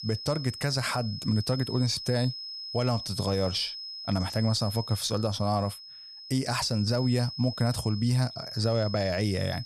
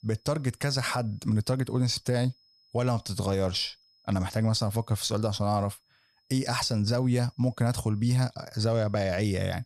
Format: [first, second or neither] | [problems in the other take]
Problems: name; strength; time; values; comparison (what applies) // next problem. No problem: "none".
second | high-pitched whine; loud; throughout; 5 kHz, 9 dB below the speech; faint in the second